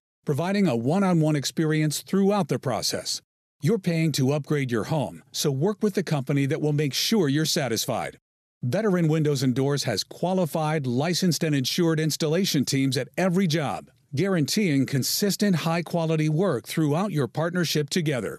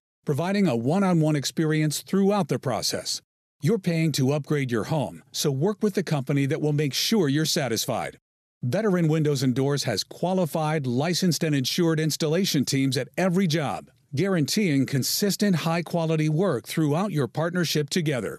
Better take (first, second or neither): neither